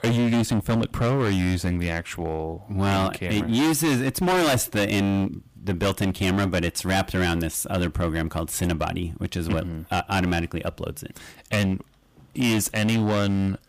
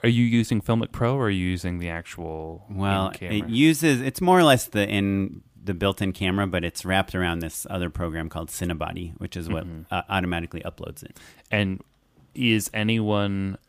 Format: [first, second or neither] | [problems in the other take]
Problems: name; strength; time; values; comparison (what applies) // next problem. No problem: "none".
second | distortion; heavy; 16% of the sound clipped